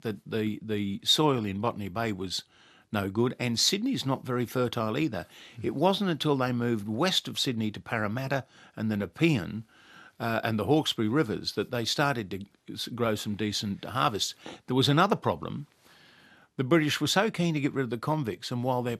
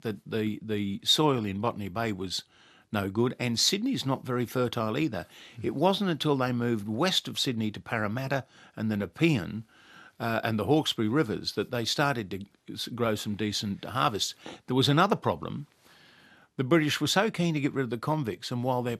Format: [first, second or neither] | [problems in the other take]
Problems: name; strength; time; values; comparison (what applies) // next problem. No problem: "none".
neither | none